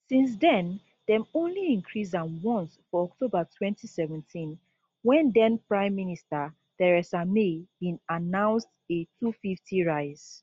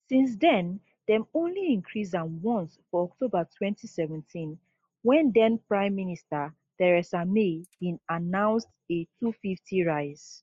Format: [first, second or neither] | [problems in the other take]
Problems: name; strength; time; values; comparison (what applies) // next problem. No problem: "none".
first | noise reduction (neural mask model Resemble Enhance denoiser)